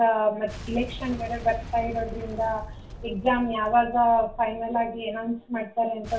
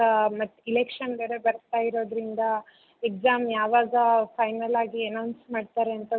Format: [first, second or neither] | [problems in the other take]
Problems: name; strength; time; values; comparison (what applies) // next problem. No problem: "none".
second | background sound (Boom); 14 dB below the speech // room echo; dies away in 0.3 s